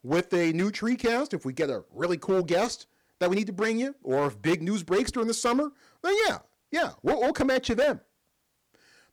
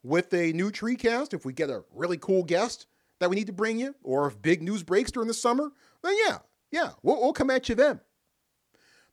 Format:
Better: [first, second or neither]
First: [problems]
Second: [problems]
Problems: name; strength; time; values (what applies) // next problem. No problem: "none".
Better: second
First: distortion; slight; 7% of the sound clipped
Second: none